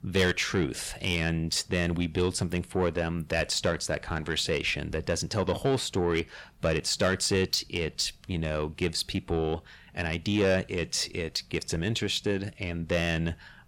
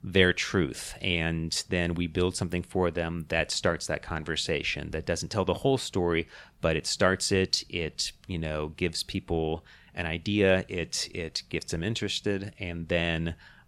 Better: second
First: distortion; slight; 10 dB below the speech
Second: none

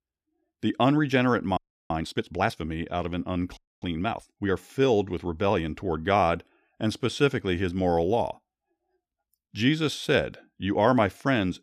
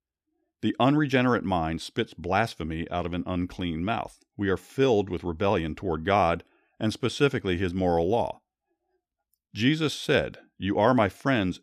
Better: second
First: audio freezing; at 1.5 s and at 3.5 s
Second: none

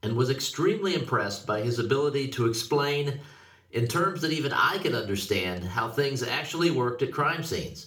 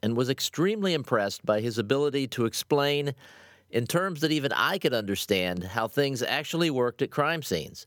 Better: second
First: room echo; very slight; dies away in 0.4 s // off-mic speech; somewhat distant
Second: none

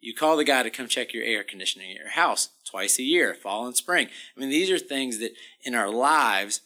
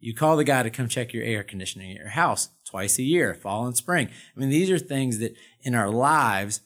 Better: second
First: thin; very slightly; fading below 250 Hz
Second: none

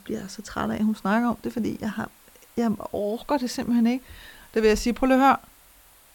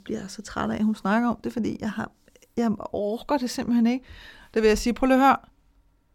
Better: second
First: hiss; faint; throughout; 25 dB below the speech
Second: none

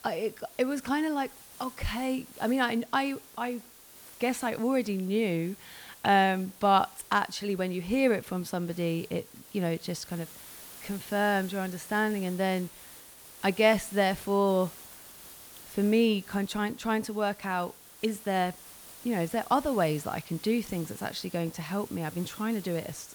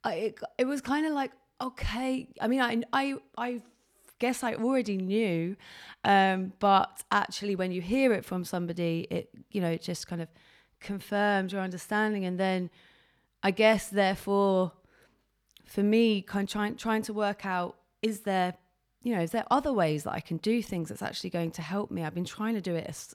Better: second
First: hiss; noticeable; throughout; 15 dB below the speech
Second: none

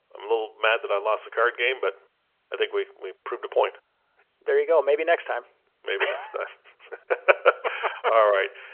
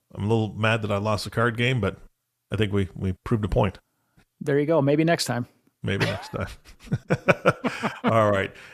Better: second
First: phone-call audio; nothing above 3 kHz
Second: none

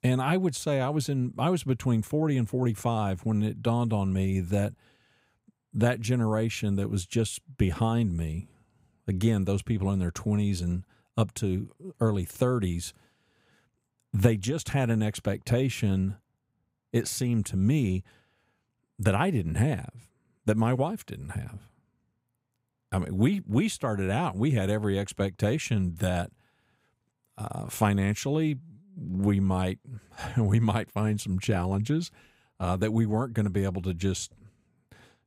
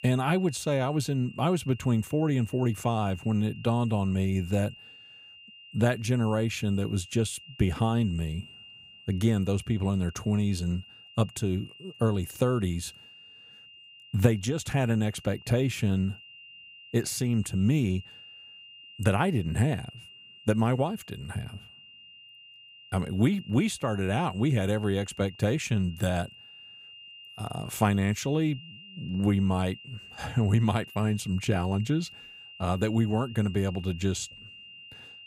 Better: first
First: none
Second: high-pitched whine; noticeable; throughout; 3 kHz, 20 dB below the speech

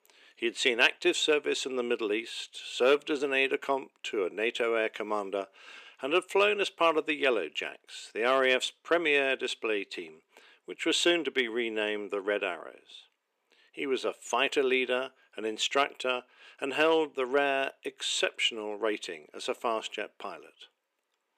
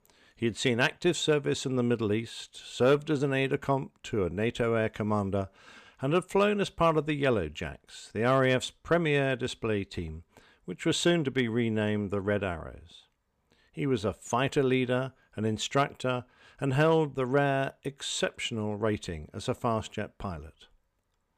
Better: second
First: thin; somewhat; fading below 350 Hz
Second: none

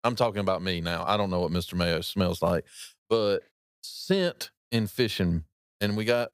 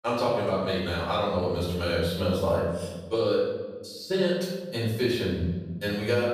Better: first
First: none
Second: off-mic speech; far // room echo; noticeable; dies away in 1.1 s

